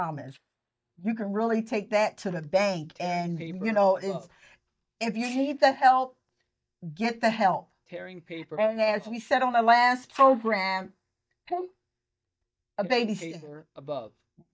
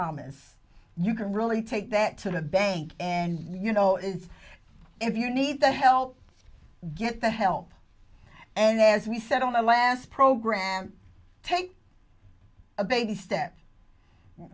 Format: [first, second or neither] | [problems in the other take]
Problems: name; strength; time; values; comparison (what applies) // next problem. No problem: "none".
second | noise reduction (neural mask model DeepFilterNet 3)